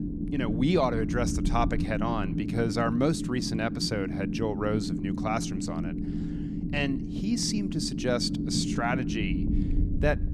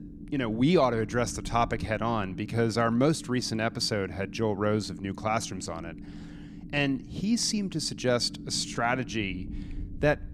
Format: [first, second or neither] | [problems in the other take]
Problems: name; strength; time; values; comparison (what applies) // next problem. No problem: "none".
second | low rumble; loud; throughout; 7 dB below the speech; faint in the second